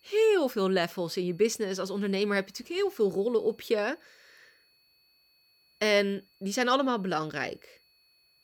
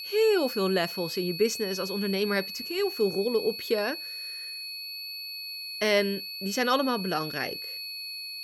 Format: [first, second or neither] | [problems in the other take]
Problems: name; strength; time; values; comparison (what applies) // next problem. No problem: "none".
first | high-pitched whine; loud; throughout; 4.5 kHz, 7 dB below the speech; faint in the first